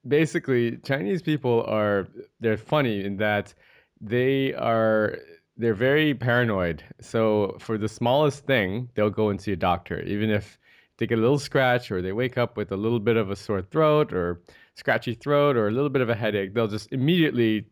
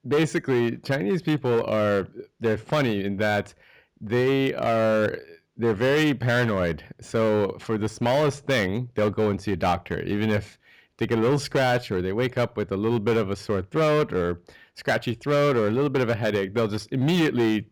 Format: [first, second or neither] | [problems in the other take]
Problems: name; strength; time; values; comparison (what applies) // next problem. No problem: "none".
first | distortion; slight; 10% of the sound clipped